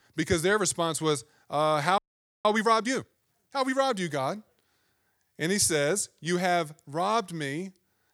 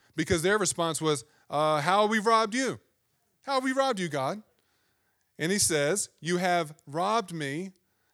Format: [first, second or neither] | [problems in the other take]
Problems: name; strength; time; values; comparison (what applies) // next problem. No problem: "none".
second | audio freezing; at 2 s